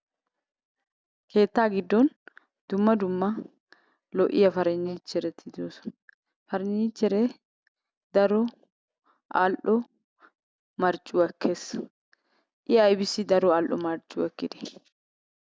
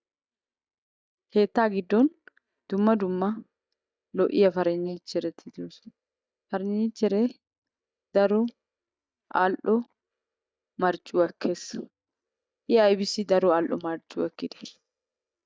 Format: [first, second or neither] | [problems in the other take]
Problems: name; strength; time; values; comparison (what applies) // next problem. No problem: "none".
first | noise reduction (neural mask model DeepFilterNet 3)